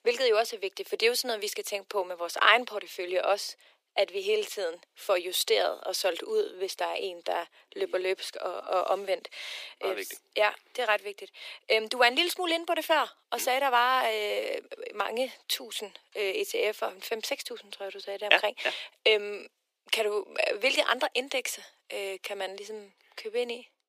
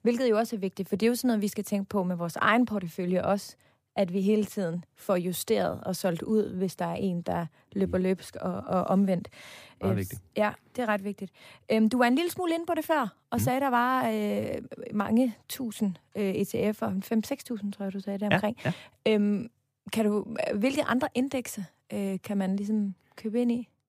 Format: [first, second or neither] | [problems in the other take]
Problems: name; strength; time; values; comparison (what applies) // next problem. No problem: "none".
second | thin; very; fading below 350 Hz